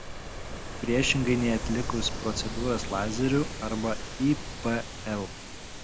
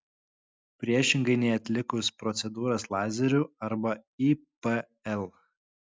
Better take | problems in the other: second | background sound (Ocean); 6 dB below the speech

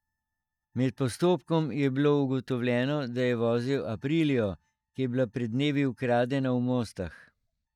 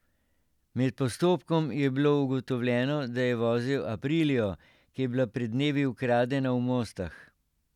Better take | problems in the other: second | noise reduction (neural mask model DeepFilterNet 3)

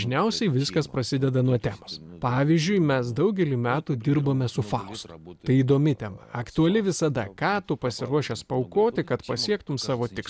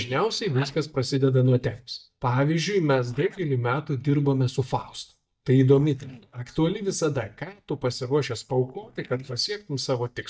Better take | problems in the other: first | noise reduction (neural mask model DeepFilterNet 3)

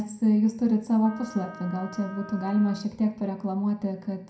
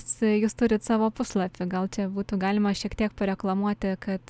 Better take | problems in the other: second | background sound (Wind instrument, woodwind instrument); 18 dB below the speech // room echo; dies away in 0.5 s

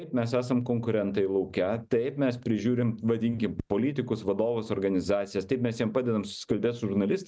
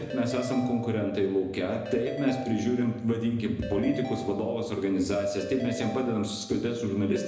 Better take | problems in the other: first | background sound (Ringtone / Keyboard (musical)); 13 dB below the speech // room echo; dies away in 0.8 s

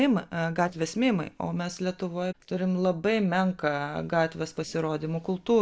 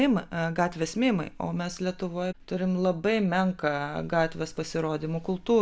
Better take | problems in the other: second | noise reduction (neural separator model SepFormer DNS4)

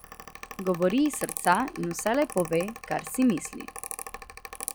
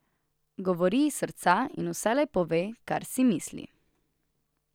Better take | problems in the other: second | noise reduction (classical method log-MMSE)

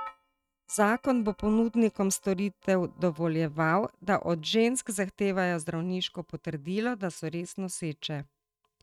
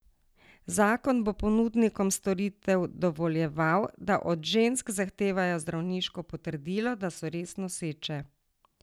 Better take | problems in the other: second | noise reduction (neural mask model RNNoise)

